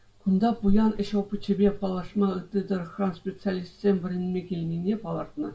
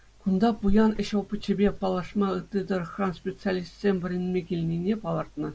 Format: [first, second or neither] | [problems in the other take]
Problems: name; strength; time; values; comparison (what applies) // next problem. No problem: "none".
second | room echo; dies away in 0.4 s